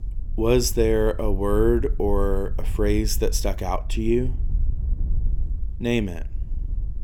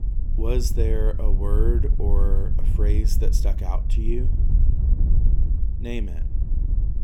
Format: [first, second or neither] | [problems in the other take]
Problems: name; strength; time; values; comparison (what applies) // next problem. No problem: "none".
first | wind noise on the microphone; heavy; 9 dB below the speech; occasional gusts in the first